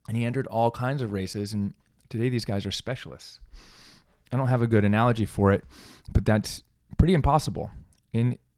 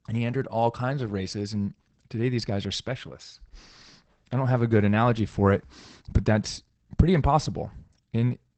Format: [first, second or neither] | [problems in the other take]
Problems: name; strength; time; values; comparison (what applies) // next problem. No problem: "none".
first | garbled, watery; badly; nothing above 8 kHz; slightly in the first